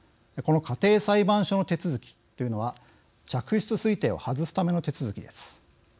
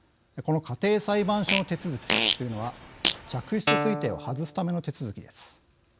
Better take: first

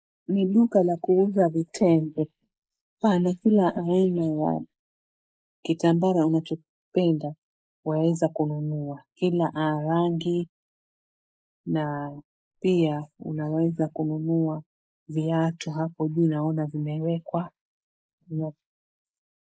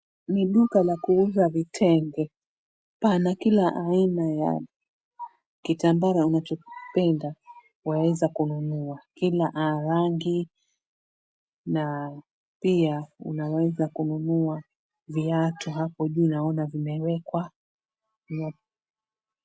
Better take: second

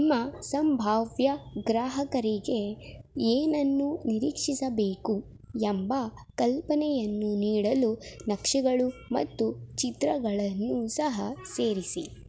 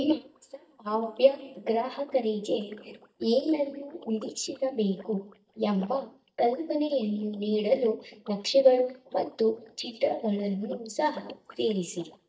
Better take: first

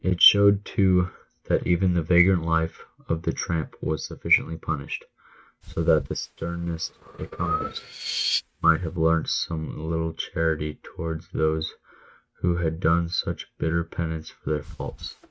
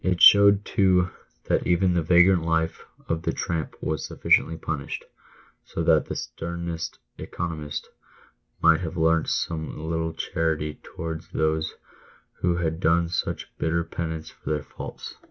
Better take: second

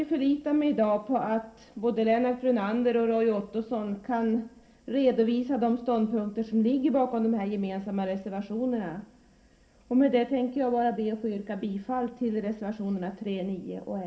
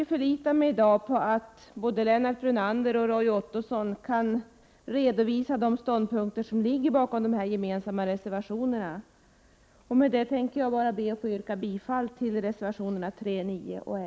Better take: second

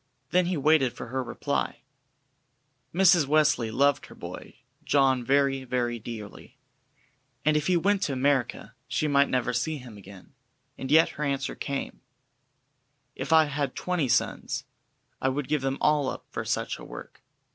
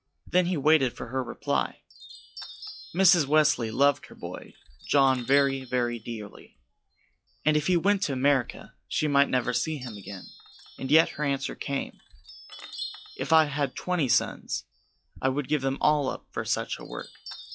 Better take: first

